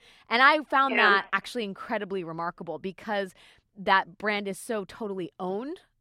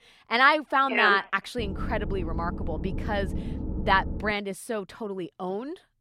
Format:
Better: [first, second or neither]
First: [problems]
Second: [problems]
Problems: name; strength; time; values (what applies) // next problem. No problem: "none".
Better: first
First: none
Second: low rumble; noticeable; from 1.5 to 4.5 s; 20 dB below the speech